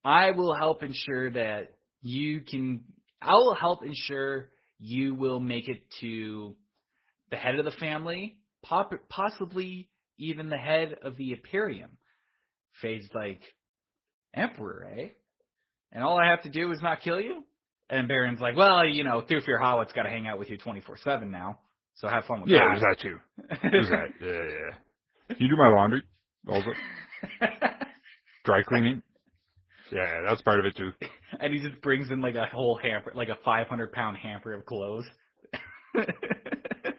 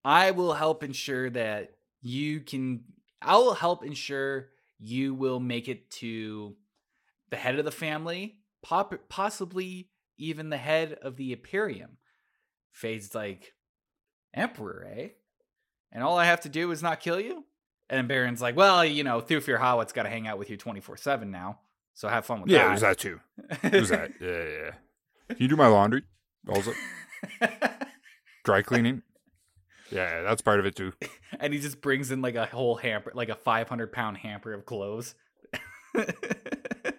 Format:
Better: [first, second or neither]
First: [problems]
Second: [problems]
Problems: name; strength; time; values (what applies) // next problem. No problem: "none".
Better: second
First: garbled, watery; badly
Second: none